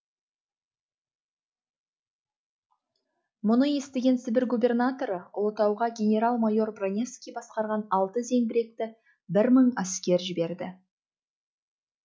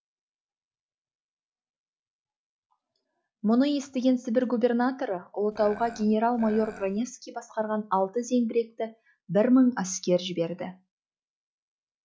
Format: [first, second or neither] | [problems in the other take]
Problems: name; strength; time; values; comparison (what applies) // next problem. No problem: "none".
first | background sound (Burping, eructation); 16 dB below the speech